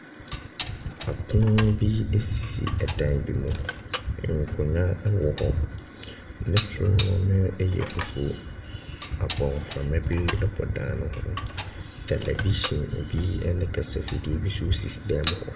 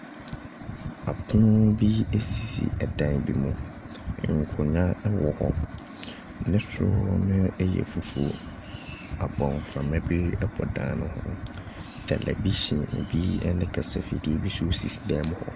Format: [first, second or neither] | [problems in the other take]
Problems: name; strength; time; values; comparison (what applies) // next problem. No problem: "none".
second | background sound (Dishes, pots, and pans); 14 dB below the speech // room echo; dies away in 0.8 s